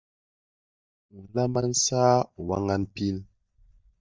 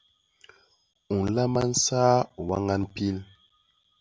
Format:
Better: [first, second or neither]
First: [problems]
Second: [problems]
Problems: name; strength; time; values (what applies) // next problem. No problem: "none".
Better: second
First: noise reduction (neural mask model DeepFilterNet 3)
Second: none